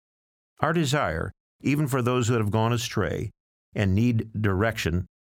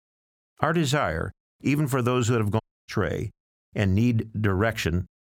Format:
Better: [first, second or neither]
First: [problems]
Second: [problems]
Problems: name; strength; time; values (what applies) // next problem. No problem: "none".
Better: first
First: none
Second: audio cutting out; at 2.5 s